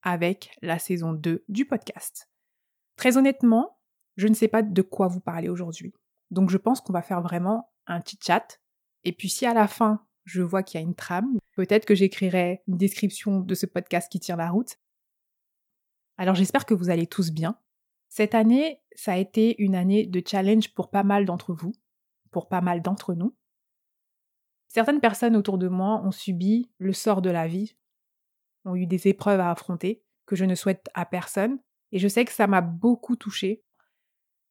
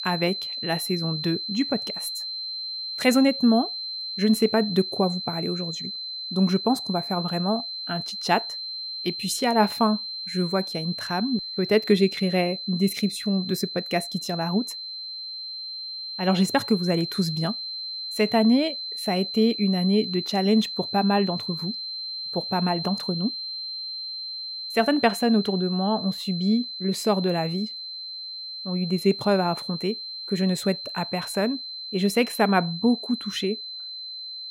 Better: first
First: none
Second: high-pitched whine; loud; throughout; 4 kHz, 6 dB below the speech

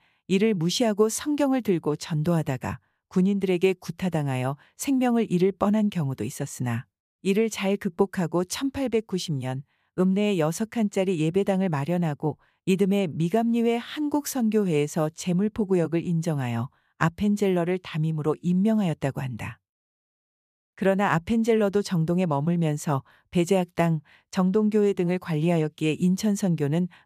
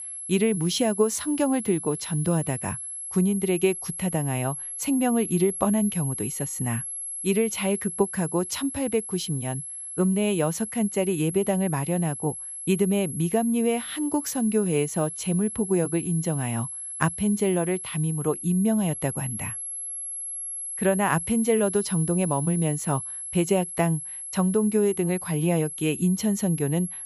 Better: first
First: none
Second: high-pitched whine; loud; throughout; 11 kHz, 7 dB below the speech

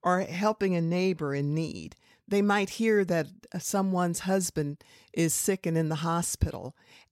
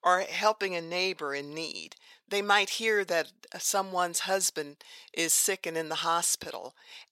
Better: first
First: none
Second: thin; very; fading below 600 Hz

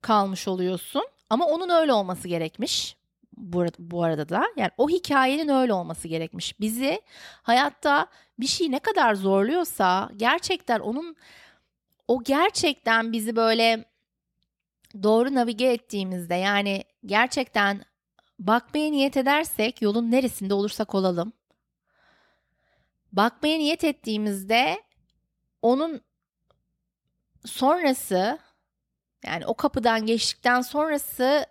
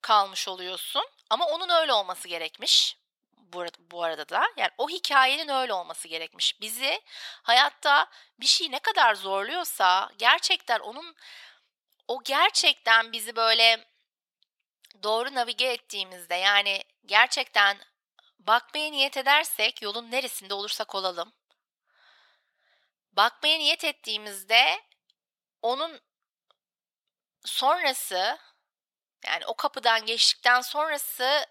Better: first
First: none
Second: thin; very; fading below 900 Hz

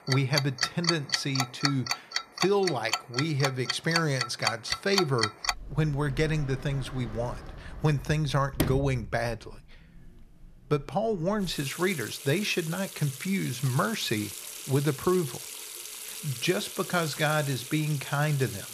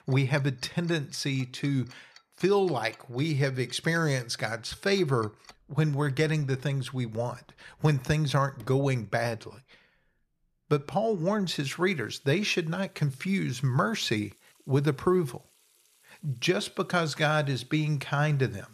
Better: second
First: household noises; loud; throughout; 5 dB below the speech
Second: household noises; faint; throughout; 30 dB below the speech

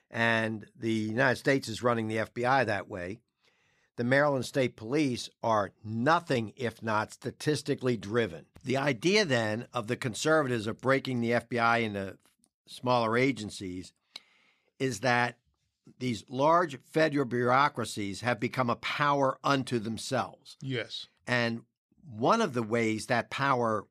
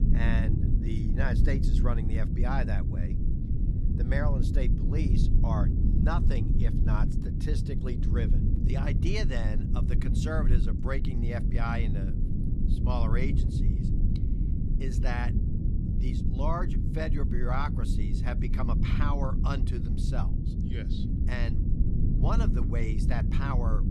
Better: first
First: none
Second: low rumble; loud; throughout; 4 dB below the speech

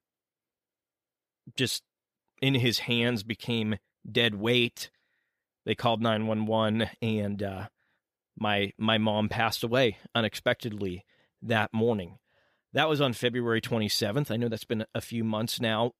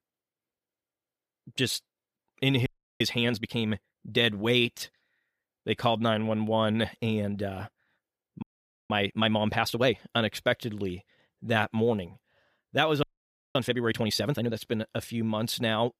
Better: first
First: none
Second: audio freezing; at 2.5 s, at 8.5 s and at 13 s for 0.5 s

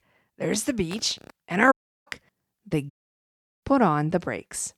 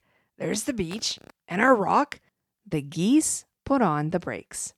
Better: second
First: audio cutting out; at 1.5 s and at 3 s for 0.5 s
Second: none

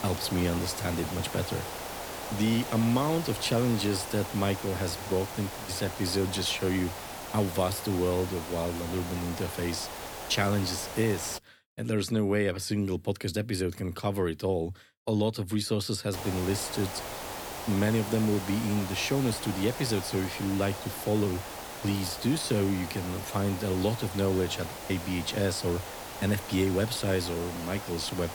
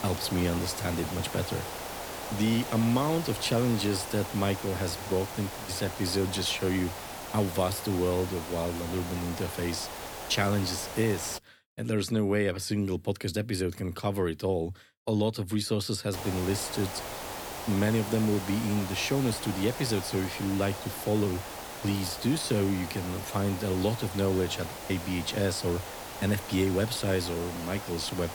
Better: neither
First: hiss; loud; until 11 s and from 16 s on; 8 dB below the speech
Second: hiss; loud; until 11 s and from 16 s on; 8 dB below the speech

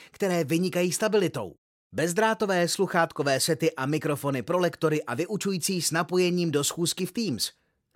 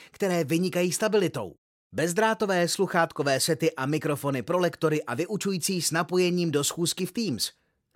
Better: neither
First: none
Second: none

